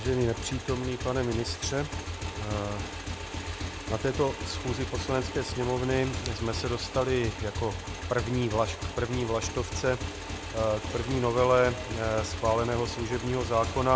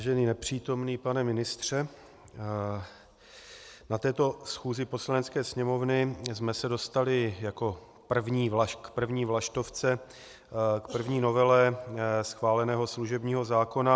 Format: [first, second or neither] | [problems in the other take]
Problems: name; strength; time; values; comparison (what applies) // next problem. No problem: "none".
second | background sound (Motorcycle / Engine); 5 dB below the speech